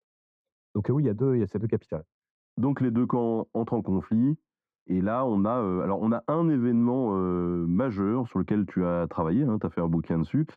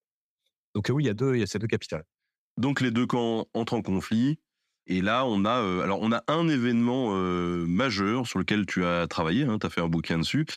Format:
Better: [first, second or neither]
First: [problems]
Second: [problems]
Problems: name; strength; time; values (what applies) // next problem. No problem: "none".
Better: second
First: muffled; very; fading above 1.5 kHz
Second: none